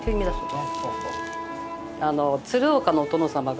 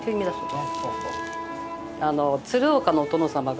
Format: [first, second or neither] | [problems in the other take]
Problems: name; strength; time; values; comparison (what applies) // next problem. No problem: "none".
second | background sound (Bass drum); 3 dB below the speech